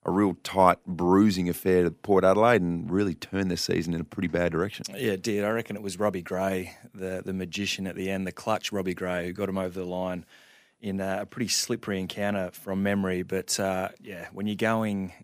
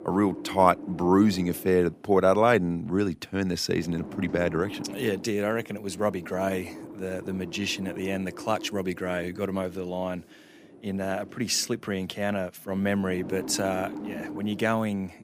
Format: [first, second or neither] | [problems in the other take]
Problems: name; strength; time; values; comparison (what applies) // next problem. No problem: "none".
first | wind noise on the microphone; occasional gusts; 15 dB below the speech